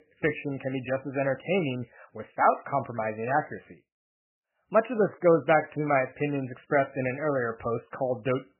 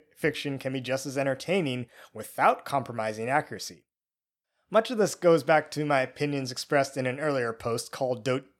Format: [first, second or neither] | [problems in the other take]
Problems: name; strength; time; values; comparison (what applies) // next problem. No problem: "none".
second | garbled, watery; badly; nothing above 3 kHz